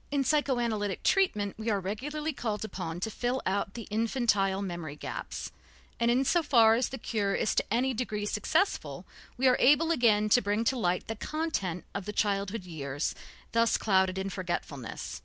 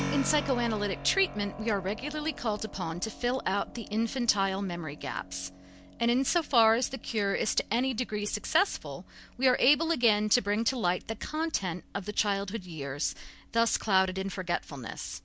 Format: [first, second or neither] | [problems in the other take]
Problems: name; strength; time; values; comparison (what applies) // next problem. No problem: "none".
first | background sound (Keyboard (musical)); 15 dB below the speech